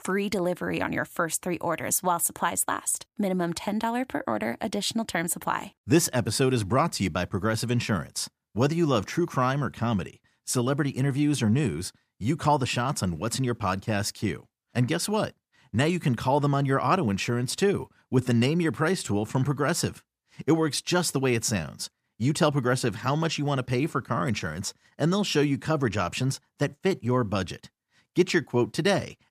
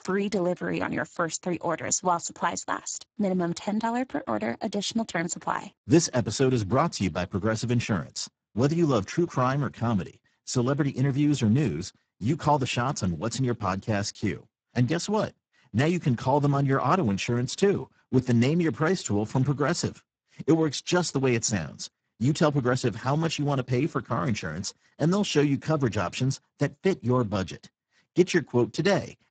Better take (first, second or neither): first